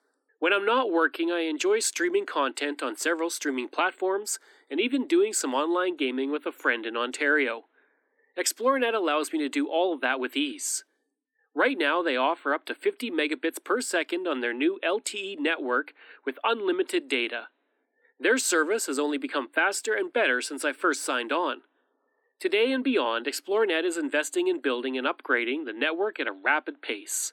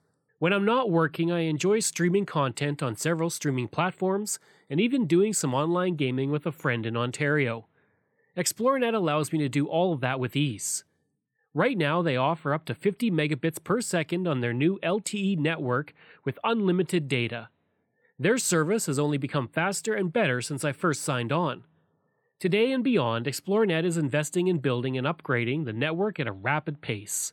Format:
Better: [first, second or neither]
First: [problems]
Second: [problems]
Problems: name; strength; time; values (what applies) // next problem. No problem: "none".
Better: second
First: thin; somewhat; fading below 250 Hz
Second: none